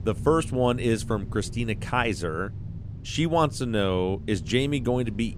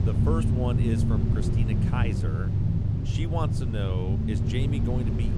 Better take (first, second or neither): first